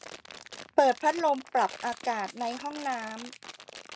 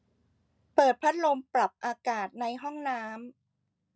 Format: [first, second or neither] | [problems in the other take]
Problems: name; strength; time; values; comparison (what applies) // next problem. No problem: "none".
second | background sound (Crumpling, crinkling); 16 dB below the speech